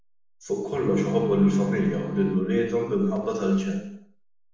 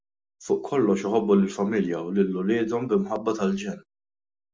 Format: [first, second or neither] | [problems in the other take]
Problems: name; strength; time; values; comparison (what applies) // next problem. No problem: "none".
second | background sound (Bowed string instrument); 11 dB below the speech // room echo; dies away in 0.7 s